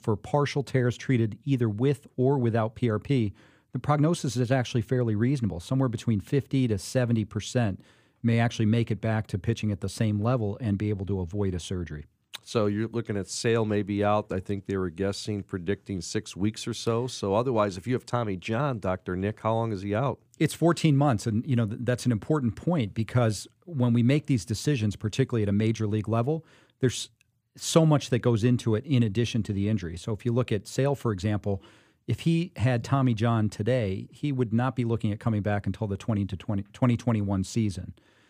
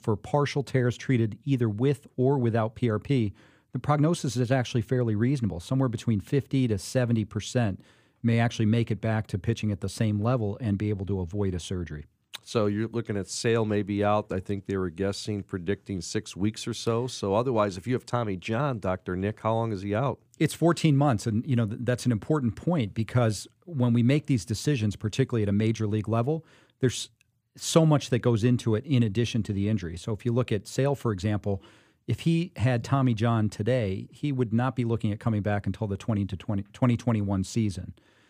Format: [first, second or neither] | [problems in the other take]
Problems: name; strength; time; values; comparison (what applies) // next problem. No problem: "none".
neither | none